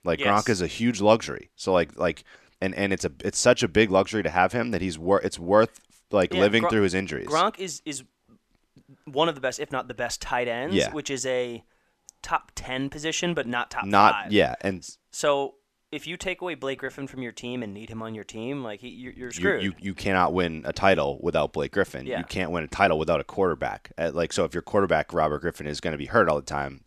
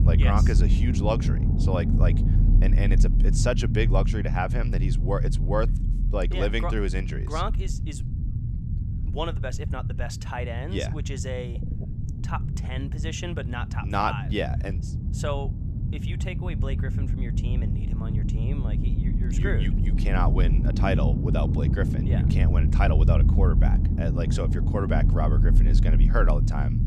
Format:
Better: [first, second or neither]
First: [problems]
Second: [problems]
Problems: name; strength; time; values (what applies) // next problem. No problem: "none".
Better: first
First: none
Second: low rumble; loud; throughout; 7 dB below the speech